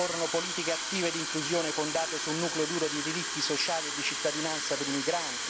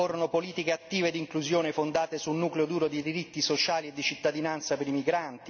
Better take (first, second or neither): second